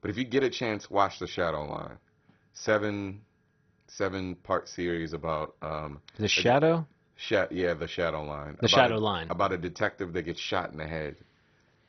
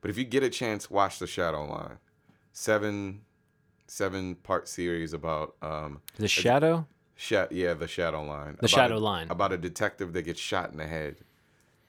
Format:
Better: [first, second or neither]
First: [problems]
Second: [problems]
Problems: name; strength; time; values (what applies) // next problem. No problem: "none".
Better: second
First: garbled, watery; badly; nothing above 6 kHz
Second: none